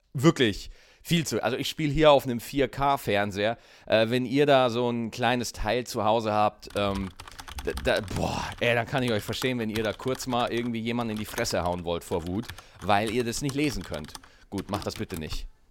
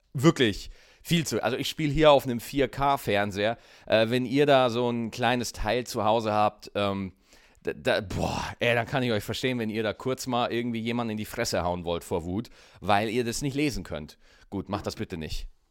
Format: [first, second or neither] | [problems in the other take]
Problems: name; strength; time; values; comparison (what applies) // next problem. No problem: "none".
second | keyboard typing; faint; from 6.5 s on; peak 10 dB below the speech